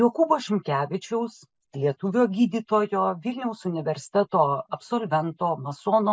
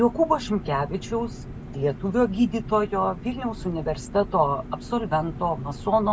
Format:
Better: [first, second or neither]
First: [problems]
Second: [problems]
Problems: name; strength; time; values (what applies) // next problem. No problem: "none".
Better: first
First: none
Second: background sound (Engine); 12 dB below the speech